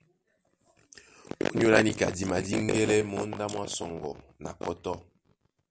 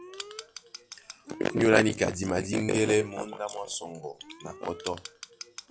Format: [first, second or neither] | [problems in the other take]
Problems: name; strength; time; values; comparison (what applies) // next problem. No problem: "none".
first | noise reduction (classical method log-MMSE)